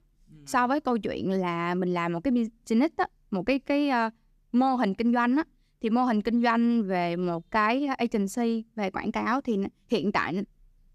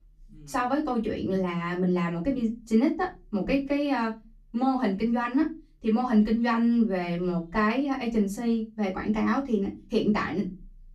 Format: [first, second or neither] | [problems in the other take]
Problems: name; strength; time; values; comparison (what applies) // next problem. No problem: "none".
first | off-mic speech; far // room echo; very slight; dies away in 0.3 s